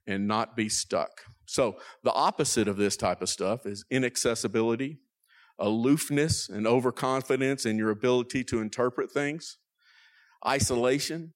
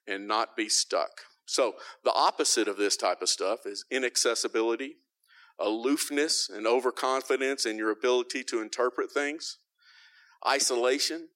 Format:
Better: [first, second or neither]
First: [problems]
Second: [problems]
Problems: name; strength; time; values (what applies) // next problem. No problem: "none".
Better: first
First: none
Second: thin; somewhat; fading below 300 Hz